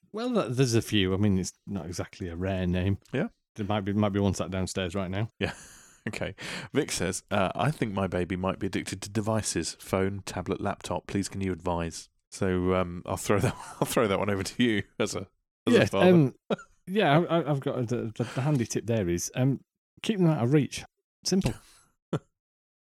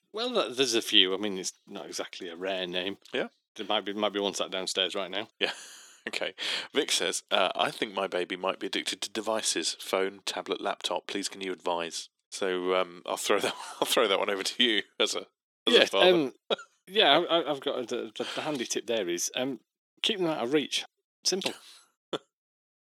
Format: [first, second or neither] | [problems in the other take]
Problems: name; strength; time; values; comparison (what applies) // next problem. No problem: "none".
first | thin; somewhat; fading below 350 Hz